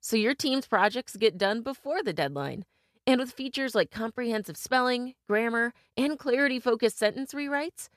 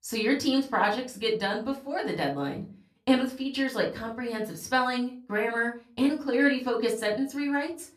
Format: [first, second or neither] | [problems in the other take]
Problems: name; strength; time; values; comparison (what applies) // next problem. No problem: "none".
first | off-mic speech; somewhat distant // room echo; very slight; dies away in 0.3 s